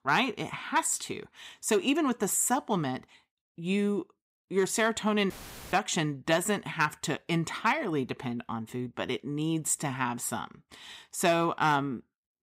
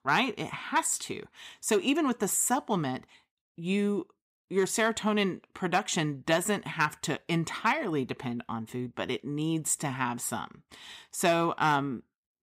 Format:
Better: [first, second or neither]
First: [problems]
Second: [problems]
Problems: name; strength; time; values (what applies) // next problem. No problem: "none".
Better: second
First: audio cutting out; filled with static; at 5.5 s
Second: none